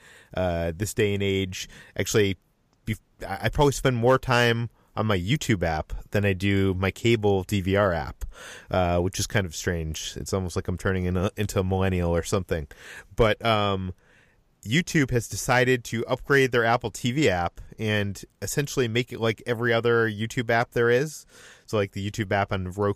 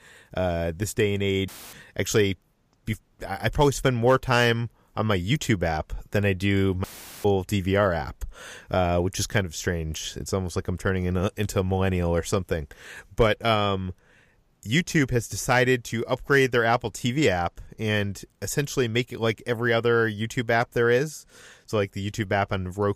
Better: first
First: none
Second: audio cutting out; filled with static; at 1.5 s and at 7 s

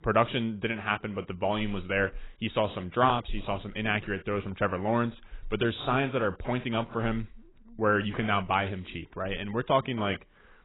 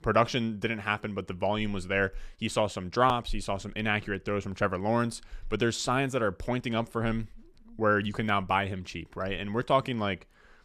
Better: second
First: garbled, watery; badly; nothing above 4 kHz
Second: none

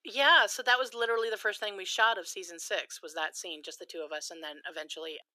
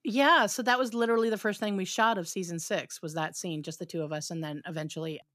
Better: second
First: thin; very; fading below 400 Hz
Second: none

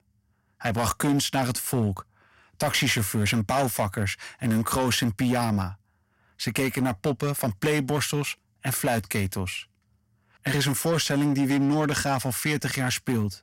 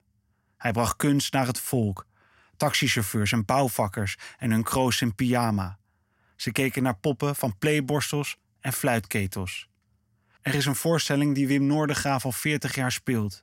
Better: second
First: distortion; slight; 7% of the sound clipped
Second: none

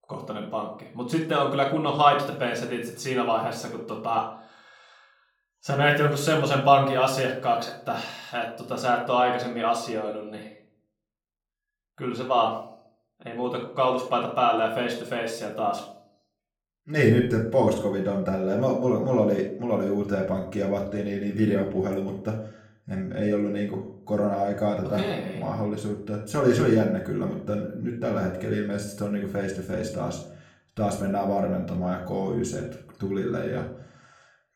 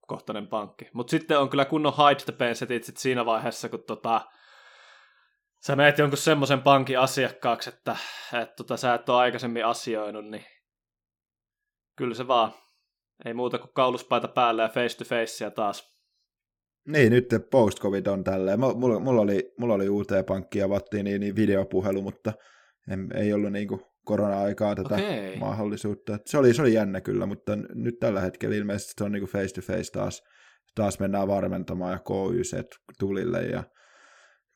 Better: second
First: off-mic speech; far // room echo; slight; dies away in 0.5 s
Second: none

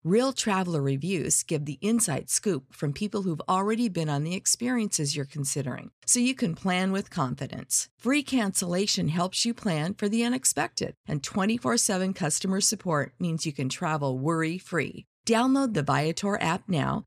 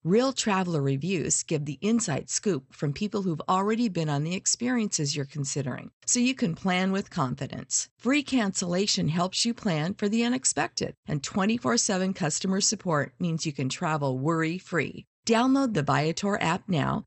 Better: first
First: none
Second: garbled, watery; slightly; nothing above 8 kHz

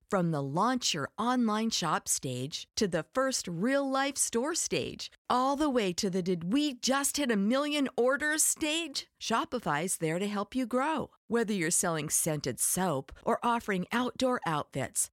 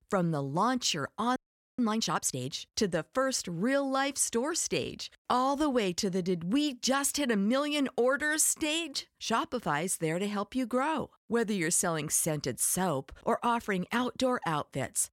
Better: first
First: none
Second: audio freezing; at 1.5 s

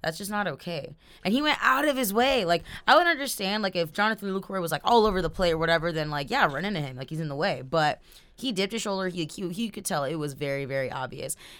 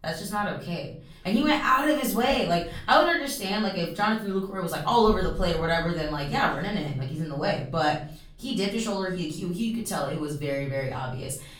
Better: first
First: none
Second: off-mic speech; far // room echo; slight; dies away in 0.5 s

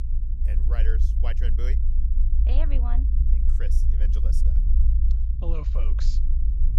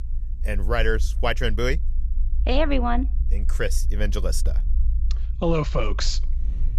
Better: second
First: low rumble; loud; throughout; 3 dB below the speech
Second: low rumble; faint; throughout; 20 dB below the speech

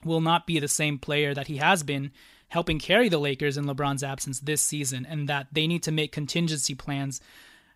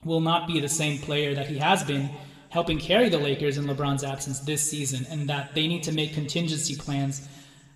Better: first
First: none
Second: room echo; very slight; dies away in 1.2 s

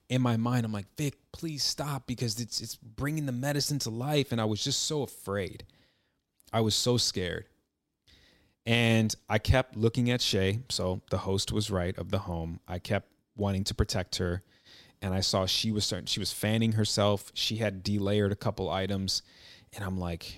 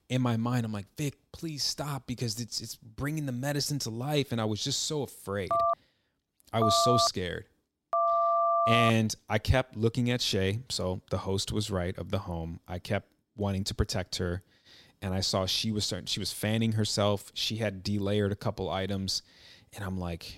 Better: first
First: none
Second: phone ringing; loud; from 5.5 to 9 s; peak 5 dB above the speech

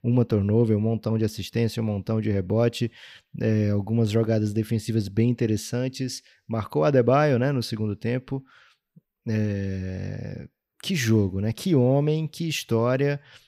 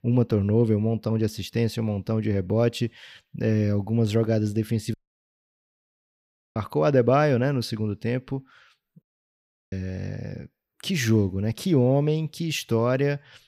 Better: first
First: none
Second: audio cutting out; at 5 s for 1.5 s and at 9 s for 0.5 s

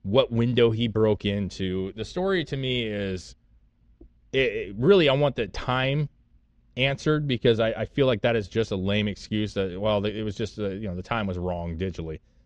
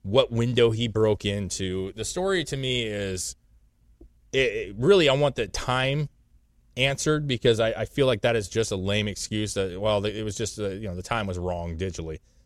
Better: second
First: muffled; slightly; fading above 4 kHz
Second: none

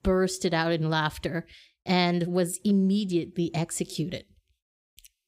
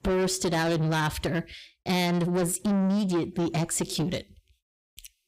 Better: first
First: none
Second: distortion; heavy; 7 dB below the speech

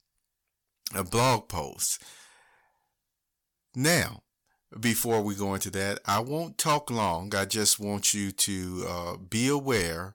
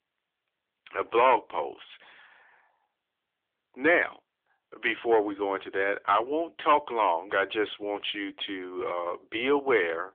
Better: first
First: none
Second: phone-call audio; nothing above 3.5 kHz

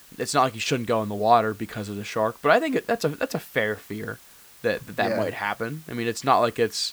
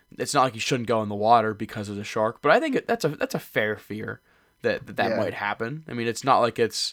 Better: second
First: hiss; faint; throughout; 25 dB below the speech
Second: none

